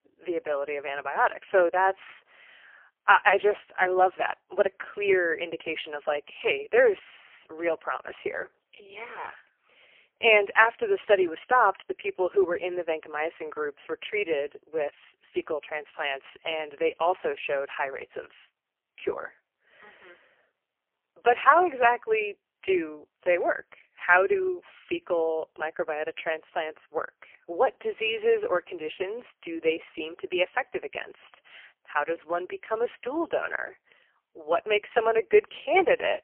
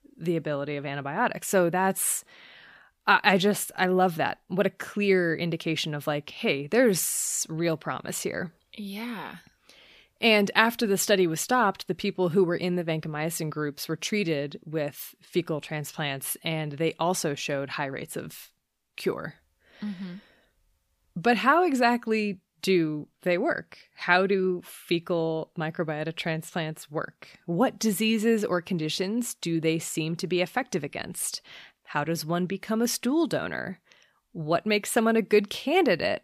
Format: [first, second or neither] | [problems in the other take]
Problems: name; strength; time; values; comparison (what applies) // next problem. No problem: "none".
second | phone-call audio; poor line; nothing above 3 kHz